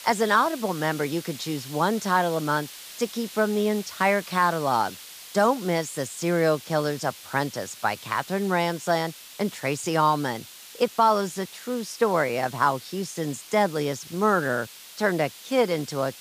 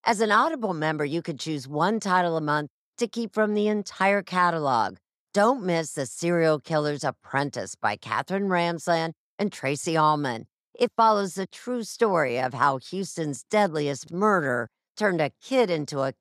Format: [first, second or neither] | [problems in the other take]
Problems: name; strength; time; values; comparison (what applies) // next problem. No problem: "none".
second | hiss; noticeable; throughout; 15 dB below the speech